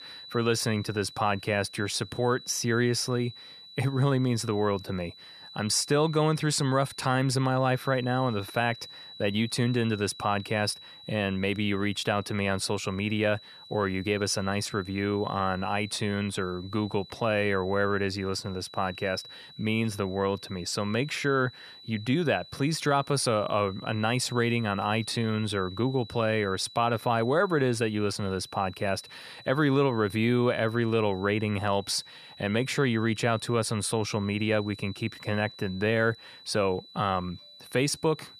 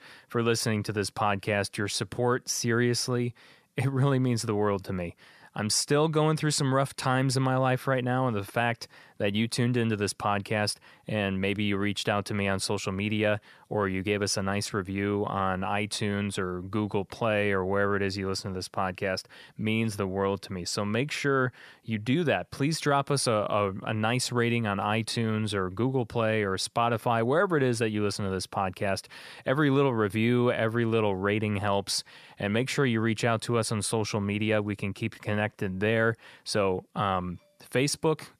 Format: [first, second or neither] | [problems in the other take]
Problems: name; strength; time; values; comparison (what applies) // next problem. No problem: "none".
second | high-pitched whine; noticeable; throughout; 4 kHz, 20 dB below the speech